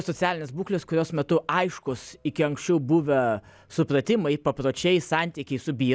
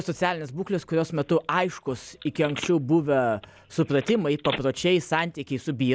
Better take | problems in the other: first | background sound (Telephone); 16 dB below the speech

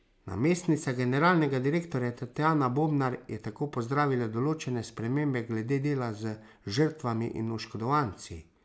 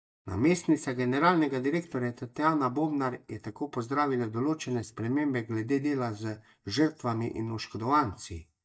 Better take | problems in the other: first | noise reduction (neural mask model DeepFilterNet 3)

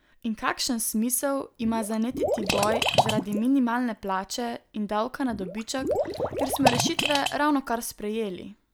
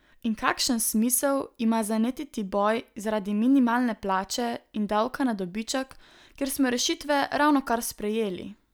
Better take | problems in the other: second | background sound (Liquid + Fart); 2 dB below the speech

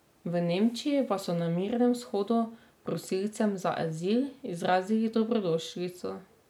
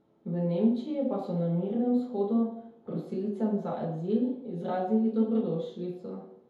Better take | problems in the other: first | room echo; dies away in 0.8 s

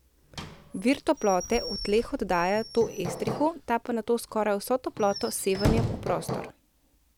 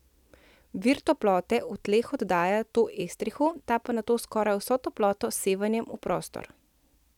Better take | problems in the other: second | background sound (Hammer + Squeak / Slam / Wood); 7 dB below the speech

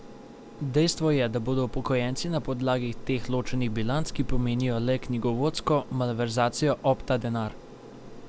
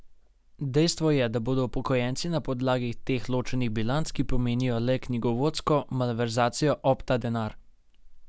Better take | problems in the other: second | background sound (Aircraft); 19 dB below the speech

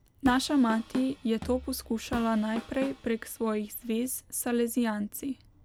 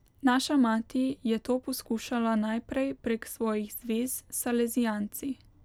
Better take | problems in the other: second | background sound (Drum kit); 13 dB below the speech

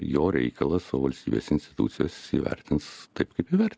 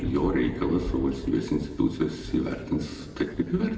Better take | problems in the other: first | background sound (Thunder); 11 dB below the speech // room echo; dies away in 1.9 s

